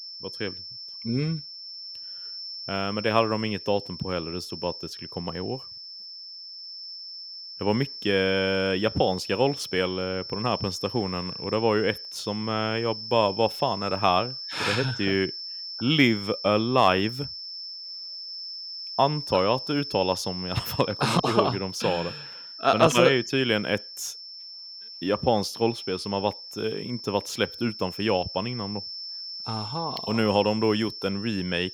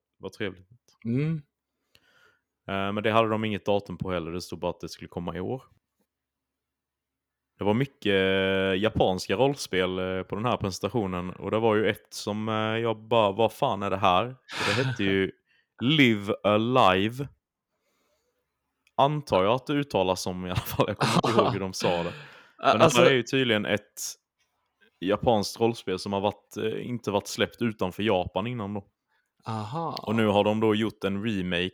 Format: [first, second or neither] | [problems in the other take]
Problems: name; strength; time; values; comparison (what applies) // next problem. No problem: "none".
second | high-pitched whine; loud; throughout; 5.5 kHz, 9 dB below the speech